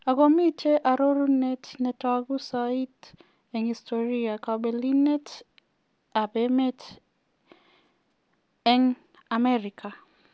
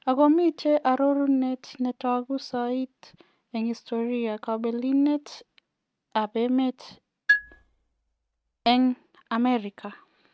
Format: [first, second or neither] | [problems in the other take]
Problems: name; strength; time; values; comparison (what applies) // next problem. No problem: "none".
first | noise reduction (neural mask model RNNoise)